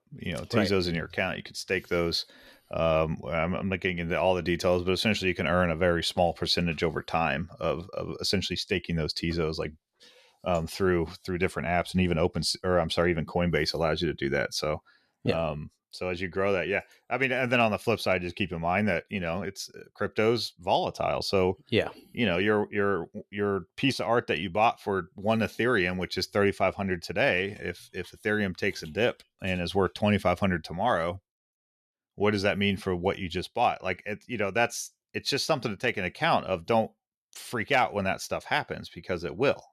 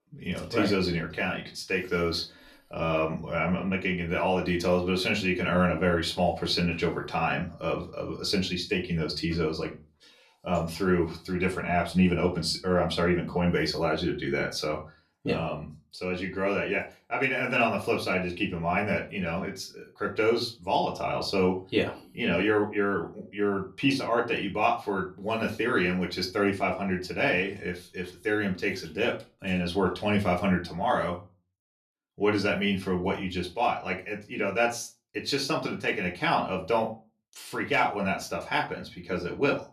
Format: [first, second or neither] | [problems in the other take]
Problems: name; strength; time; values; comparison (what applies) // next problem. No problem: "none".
first | off-mic speech; far // room echo; very slight; dies away in 0.3 s